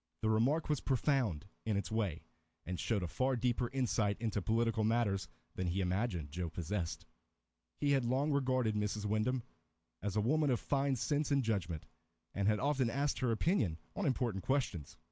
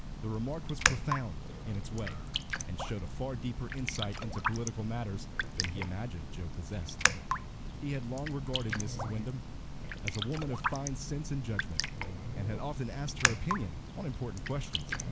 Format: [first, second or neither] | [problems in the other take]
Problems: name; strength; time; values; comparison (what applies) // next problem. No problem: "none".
first | background sound (Train + Raindrop); 2 dB above the speech